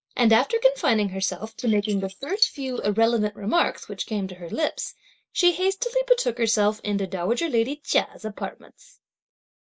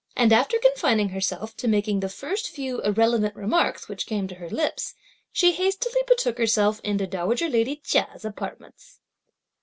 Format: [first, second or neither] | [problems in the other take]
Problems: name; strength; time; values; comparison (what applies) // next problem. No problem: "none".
second | noise reduction (neural mask model Resemble Enhance denoiser)